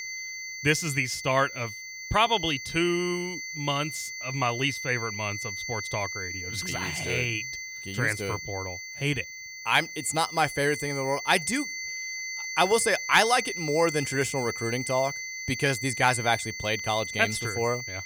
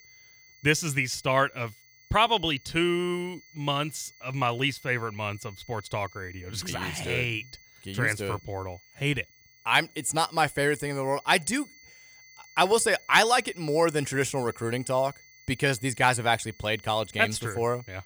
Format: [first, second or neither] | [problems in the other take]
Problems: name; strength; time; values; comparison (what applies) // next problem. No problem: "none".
second | high-pitched whine; loud; throughout; 2 kHz, 7 dB below the speech; faint in the second